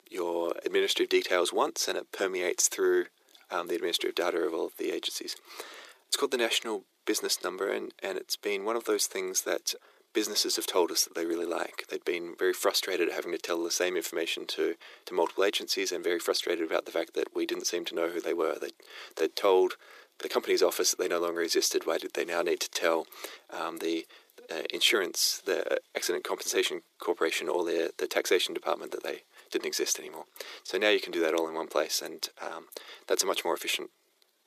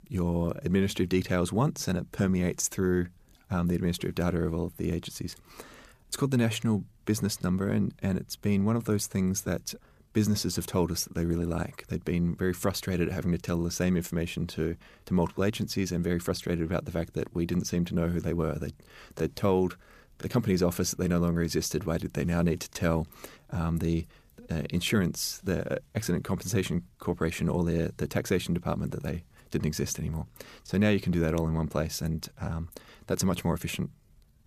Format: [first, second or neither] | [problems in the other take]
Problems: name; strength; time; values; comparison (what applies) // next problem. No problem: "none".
second | thin; very; fading below 350 Hz